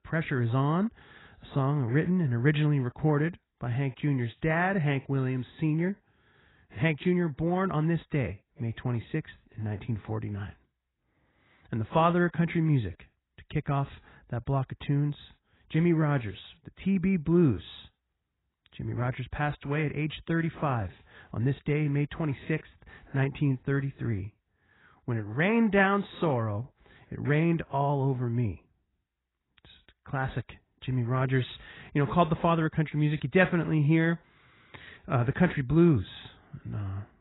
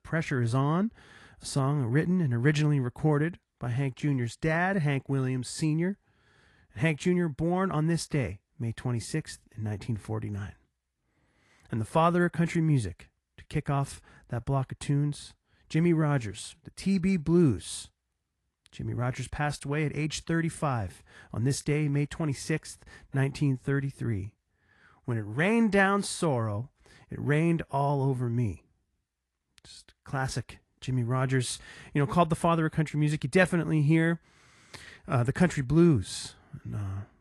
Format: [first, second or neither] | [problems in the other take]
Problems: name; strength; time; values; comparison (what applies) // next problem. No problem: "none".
second | garbled, watery; badly; nothing above 4 kHz; slightly in the second